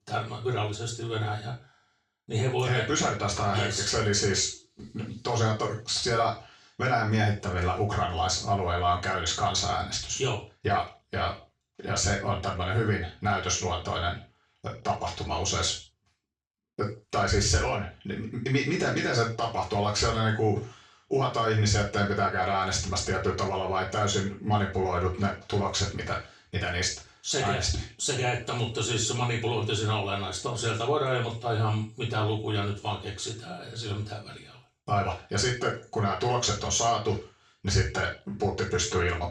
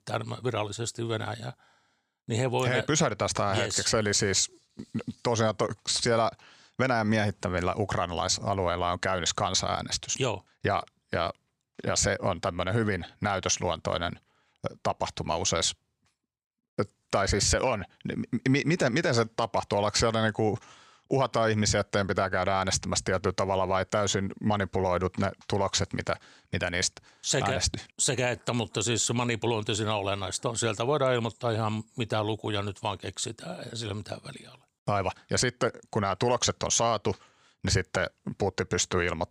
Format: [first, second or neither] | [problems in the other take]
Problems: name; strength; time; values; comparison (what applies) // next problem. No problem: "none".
second | room echo; noticeable; dies away in 0.3 s // off-mic speech; far